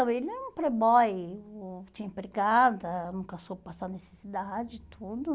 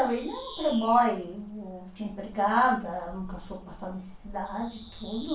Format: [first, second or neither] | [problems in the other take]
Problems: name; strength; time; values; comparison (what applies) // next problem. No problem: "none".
first | background sound (Bird vocalization, bird call, bird song); 18 dB below the speech // room echo; dies away in 0.3 s